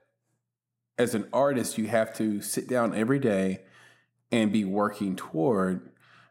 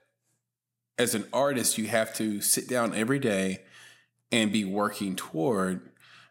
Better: second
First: muffled; slightly; fading above 2 kHz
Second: none

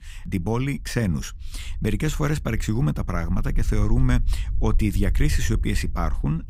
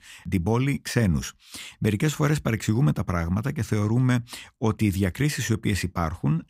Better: second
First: low rumble; noticeable; throughout; 20 dB below the speech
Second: none

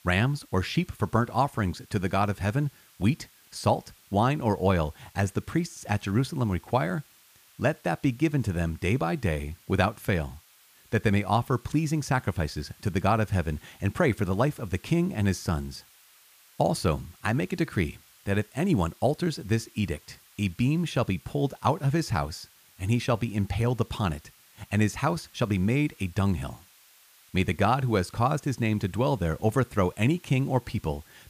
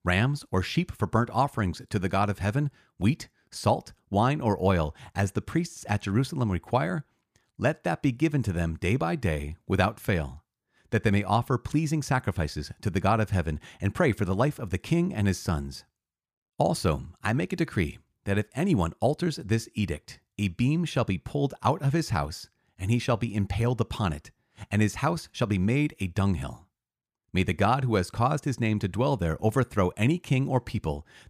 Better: second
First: hiss; faint; throughout; 25 dB below the speech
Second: none

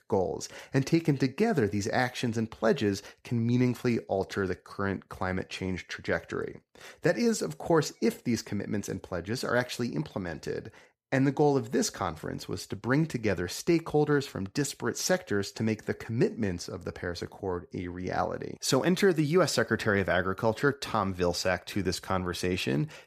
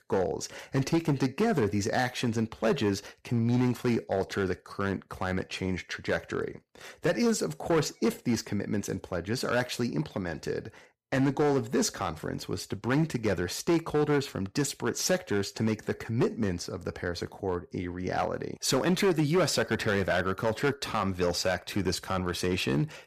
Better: first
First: none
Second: distortion; slight; 5% of the sound clipped

